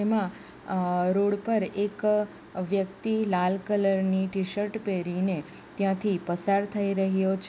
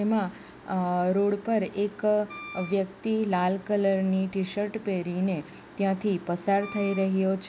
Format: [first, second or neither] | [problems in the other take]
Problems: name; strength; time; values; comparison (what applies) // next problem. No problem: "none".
first | background sound (Wind instrument, woodwind instrument); 16 dB below the speech